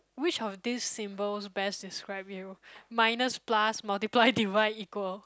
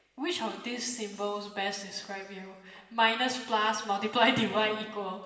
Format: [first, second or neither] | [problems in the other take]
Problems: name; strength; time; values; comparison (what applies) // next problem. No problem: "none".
first | room echo; dies away in 1.4 s